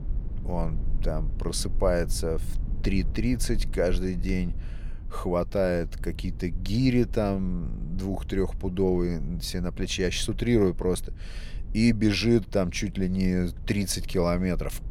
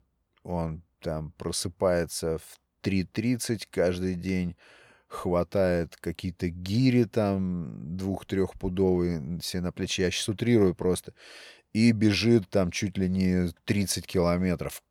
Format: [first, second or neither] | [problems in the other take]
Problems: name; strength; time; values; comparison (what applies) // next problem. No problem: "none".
second | low rumble; faint; throughout; 20 dB below the speech